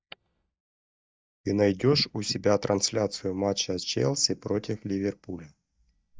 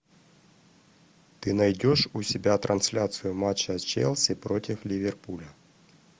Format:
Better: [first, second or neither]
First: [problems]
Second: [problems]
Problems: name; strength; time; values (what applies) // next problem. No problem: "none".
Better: second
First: noise reduction (neural mask model DeepFilterNet 3)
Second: none